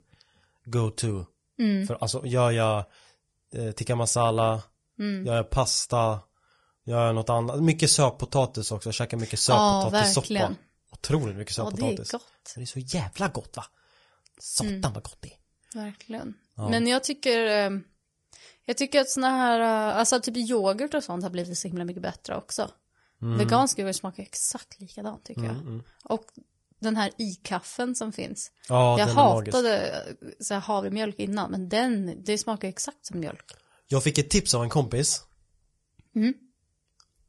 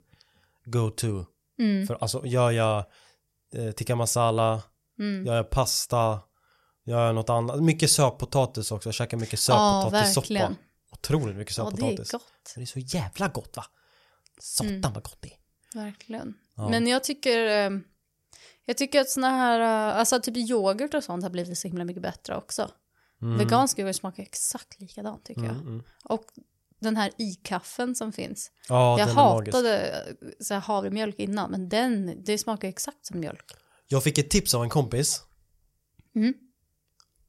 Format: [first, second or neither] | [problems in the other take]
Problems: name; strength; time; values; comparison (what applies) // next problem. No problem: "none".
second | garbled, watery; slightly; nothing above 10.5 kHz